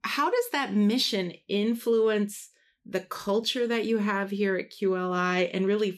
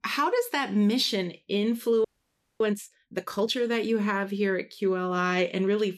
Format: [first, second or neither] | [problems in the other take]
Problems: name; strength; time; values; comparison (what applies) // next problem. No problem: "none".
first | audio freezing; at 2 s for 0.5 s